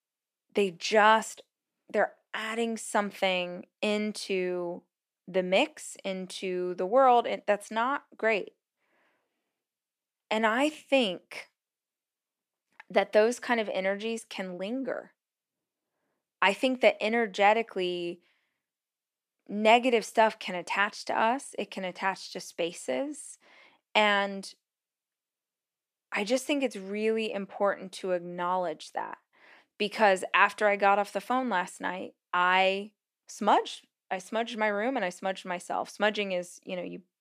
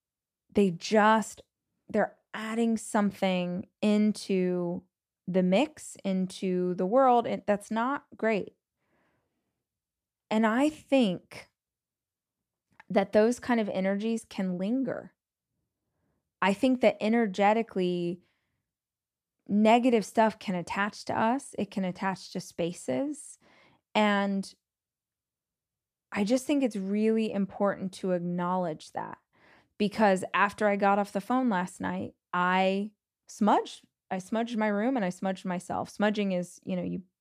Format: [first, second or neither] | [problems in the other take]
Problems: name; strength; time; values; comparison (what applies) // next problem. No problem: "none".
second | thin; somewhat; fading below 350 Hz